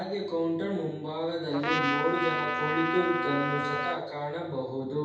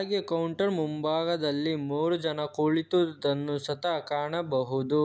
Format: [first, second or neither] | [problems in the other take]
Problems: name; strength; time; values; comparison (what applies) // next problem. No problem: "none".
second | background sound (Trumpet); as loud as the speech // room echo; dies away in 0.9 s